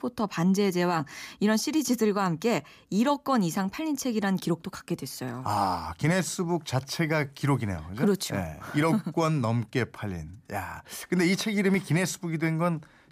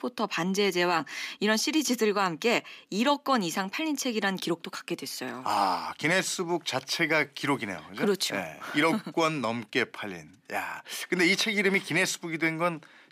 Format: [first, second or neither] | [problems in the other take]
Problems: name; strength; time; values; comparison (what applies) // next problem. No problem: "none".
first | thin; very slightly; fading below 300 Hz